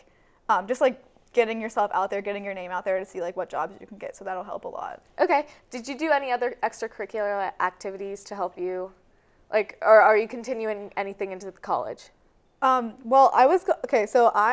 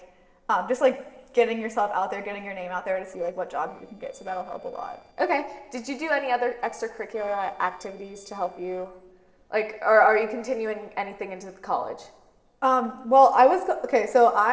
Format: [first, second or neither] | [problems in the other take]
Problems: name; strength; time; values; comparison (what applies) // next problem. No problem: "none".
first | noise reduction (neural separator model SepFormer DNS4)